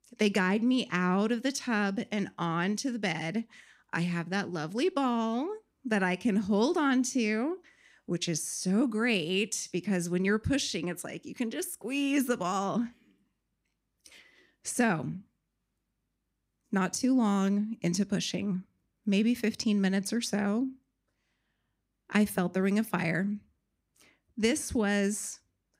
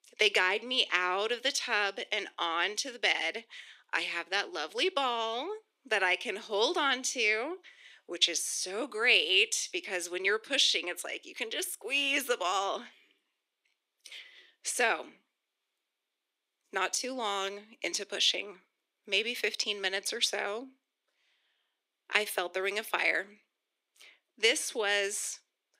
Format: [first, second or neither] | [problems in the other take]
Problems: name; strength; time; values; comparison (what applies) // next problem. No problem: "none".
first | thin; very; fading below 400 Hz